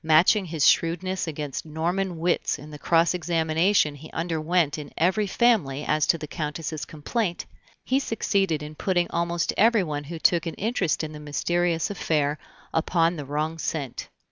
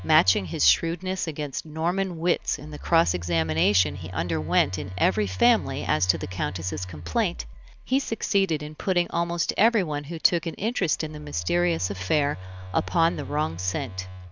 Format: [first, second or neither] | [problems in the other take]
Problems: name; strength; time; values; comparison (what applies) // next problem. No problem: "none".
first | background sound (Telephone); 11 dB below the speech